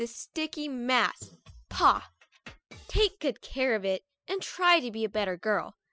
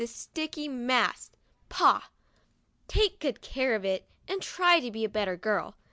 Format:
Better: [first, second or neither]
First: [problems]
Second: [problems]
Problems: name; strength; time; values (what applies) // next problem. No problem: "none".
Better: second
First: noise reduction (classical method spectral subtraction)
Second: none